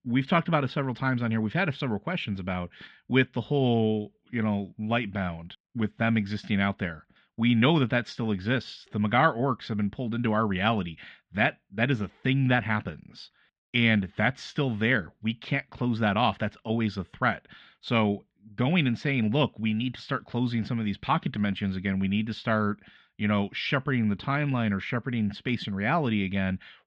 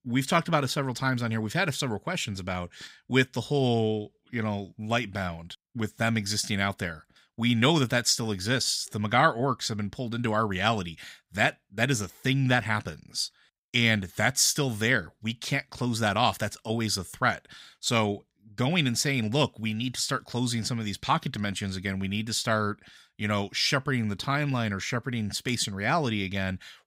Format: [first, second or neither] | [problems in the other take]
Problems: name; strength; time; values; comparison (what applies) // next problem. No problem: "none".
second | muffled; very; fading above 3 kHz